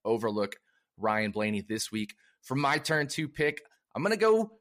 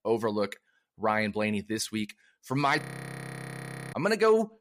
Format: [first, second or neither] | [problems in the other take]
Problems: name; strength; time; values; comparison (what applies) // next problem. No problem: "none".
first | audio freezing; at 3 s for 1 s